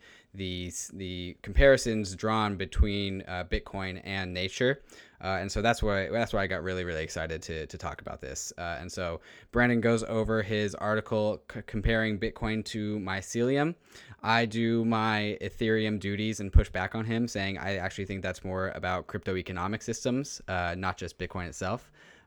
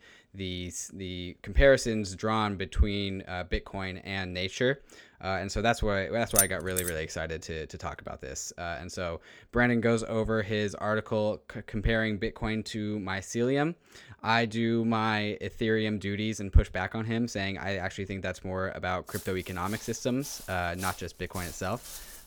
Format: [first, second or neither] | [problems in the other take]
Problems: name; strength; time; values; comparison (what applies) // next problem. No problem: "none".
first | jangling keys; loud; at 6.5 s; peak 6 dB above the speech // footsteps; noticeable; from 19 s on; peak 10 dB below the speech